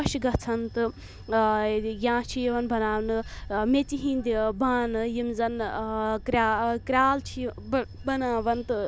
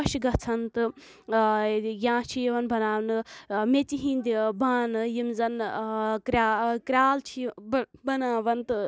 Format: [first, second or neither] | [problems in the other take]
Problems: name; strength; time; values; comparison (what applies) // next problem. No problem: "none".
second | background sound (Bell / Train); 15 dB below the speech